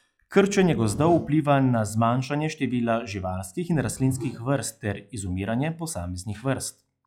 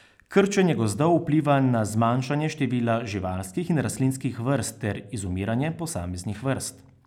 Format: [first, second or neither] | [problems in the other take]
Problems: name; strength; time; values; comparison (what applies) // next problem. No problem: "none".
second | noise reduction (classical method log-MMSE)